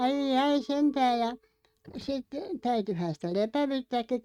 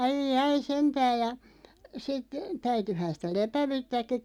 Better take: second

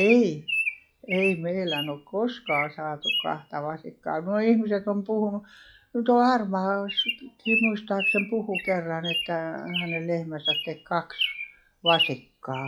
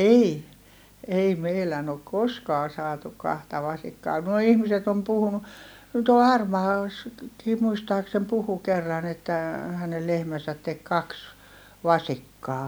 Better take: second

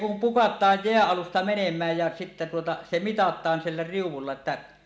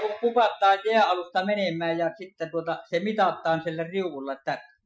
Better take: first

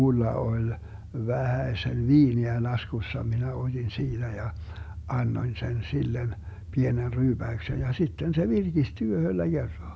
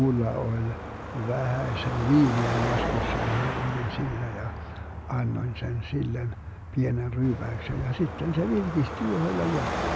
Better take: first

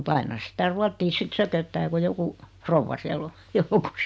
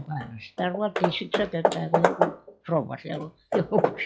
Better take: first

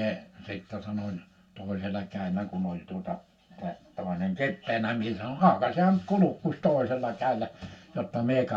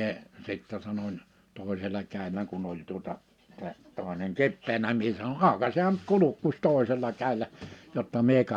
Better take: second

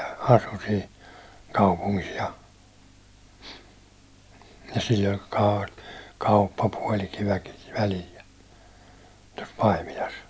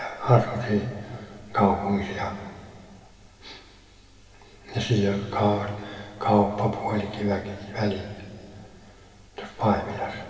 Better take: first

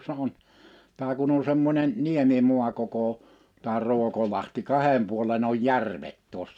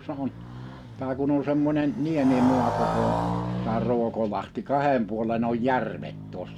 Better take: first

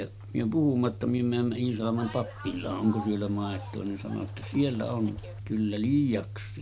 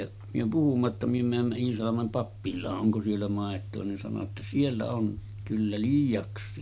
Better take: second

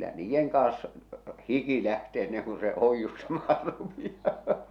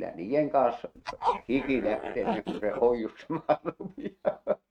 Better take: first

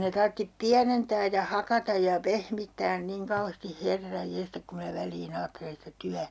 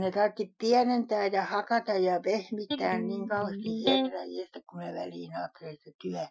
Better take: first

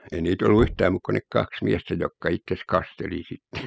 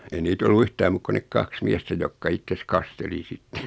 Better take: second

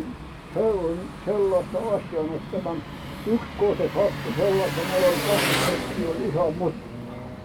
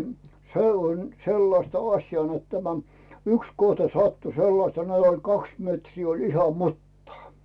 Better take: second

